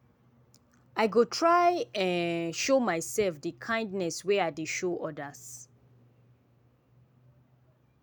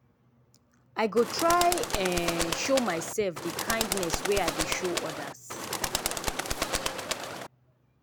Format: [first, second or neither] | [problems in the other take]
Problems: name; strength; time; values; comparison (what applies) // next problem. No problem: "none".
first | background sound (Bird); 1 dB below the speech